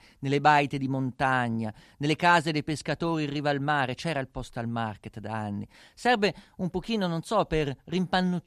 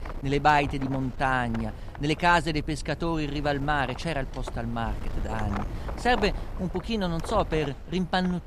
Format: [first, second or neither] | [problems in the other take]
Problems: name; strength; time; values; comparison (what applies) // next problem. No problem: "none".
first | wind noise on the microphone; occasional gusts; 15 dB below the speech